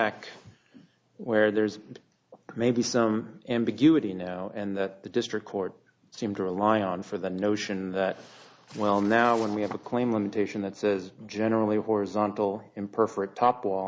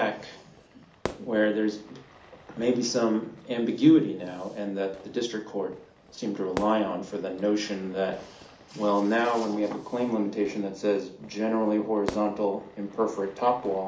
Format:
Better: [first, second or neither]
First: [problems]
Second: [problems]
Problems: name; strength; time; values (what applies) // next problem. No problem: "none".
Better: first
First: none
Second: background sound (Fire / Fireworks); 18 dB below the speech // room echo; dies away in 0.4 s